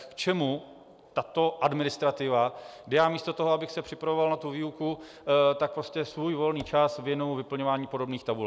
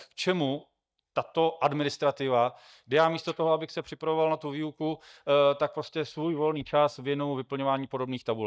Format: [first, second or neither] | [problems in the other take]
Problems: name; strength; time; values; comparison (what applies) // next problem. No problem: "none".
first | noise reduction (neural mask model DeepFilterNet 3)